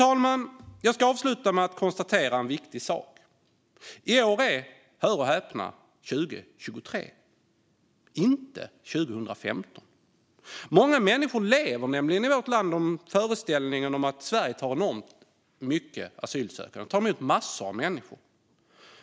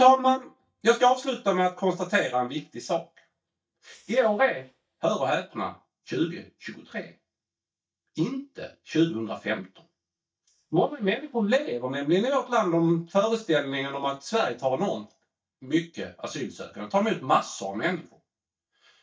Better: first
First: none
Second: noise reduction (neural mask model DeepFilterNet 3)

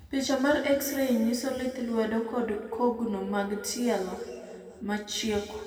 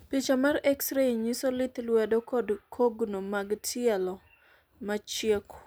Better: second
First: room echo; dies away in 2 s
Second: none

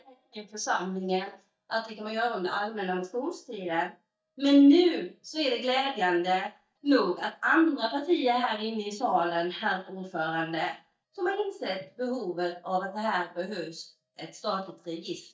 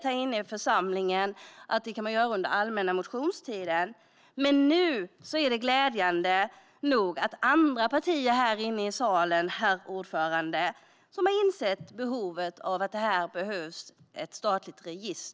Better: second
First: noise reduction (neural mask model DeepFilterNet 3)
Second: none

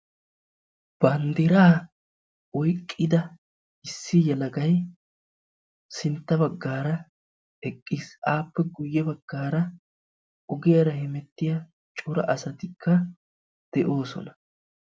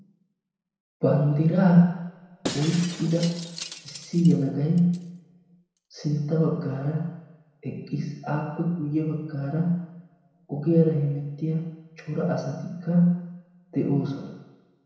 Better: first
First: none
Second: background sound (Shatter); 14 dB below the speech // room echo; dies away in 1 s

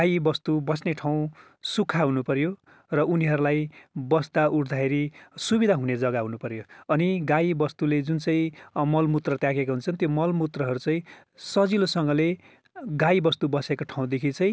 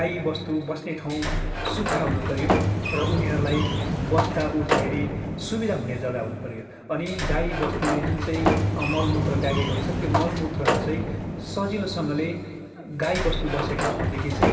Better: first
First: none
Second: background sound (Sliding door); 2 dB above the speech // room echo; dies away in 2.4 s

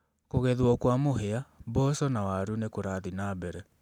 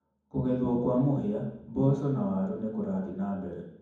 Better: first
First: none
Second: room echo; dies away in 1.2 s

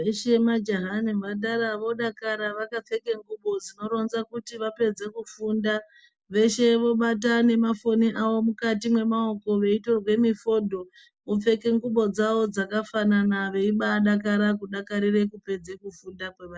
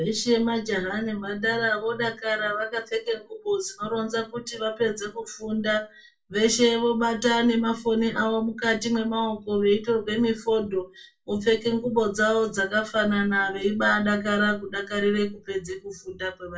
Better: first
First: none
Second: room echo; dies away in 0.2 s

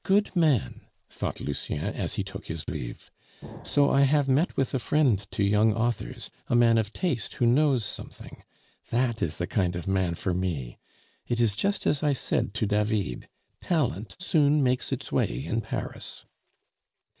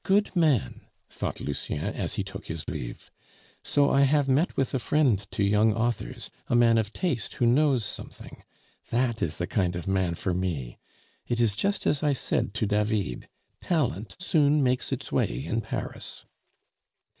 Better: second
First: background sound (Explosion); 20 dB below the speech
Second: none

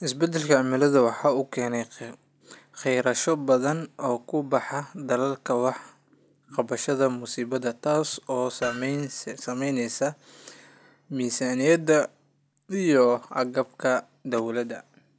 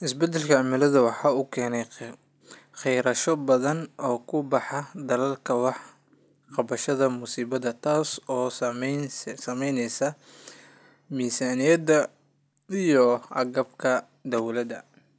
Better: second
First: background sound (Hammer); 17 dB below the speech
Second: none

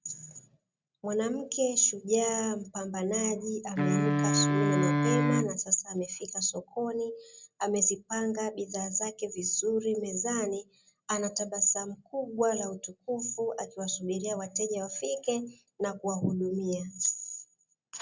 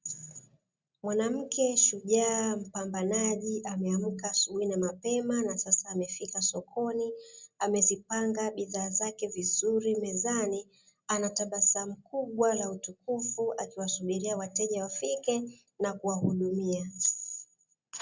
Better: second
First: background sound (Wind instrument, woodwind instrument); 3 dB above the speech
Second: none

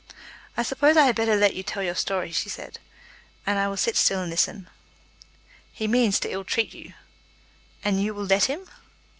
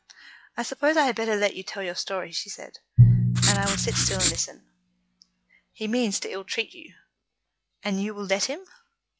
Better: first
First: none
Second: noise reduction (classical method log-MMSE)

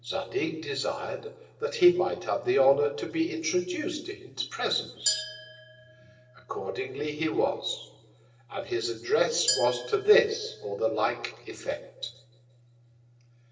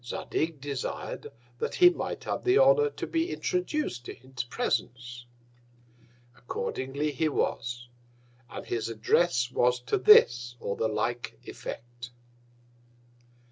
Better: second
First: background sound (Glass); 9 dB below the speech // room echo; dies away in 0.8 s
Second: none

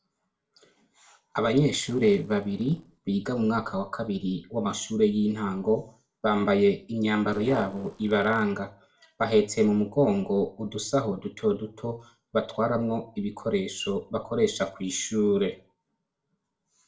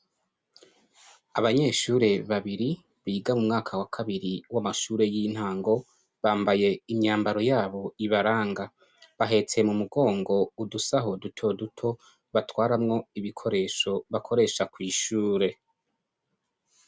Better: second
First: noise reduction (neural separator model SepFormer DNS4)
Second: none

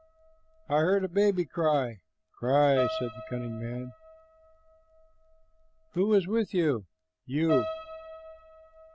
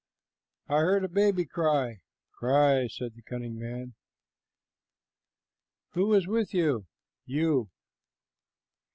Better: second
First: background sound (Piano); 11 dB below the speech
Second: none

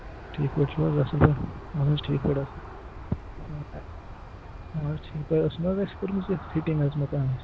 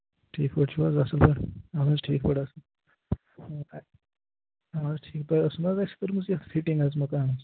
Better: second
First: background sound (Aircraft); 12 dB below the speech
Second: none

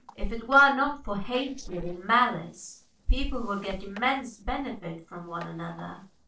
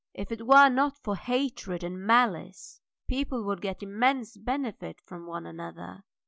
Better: second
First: noise reduction (neural separator model SepFormer DNS4)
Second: none

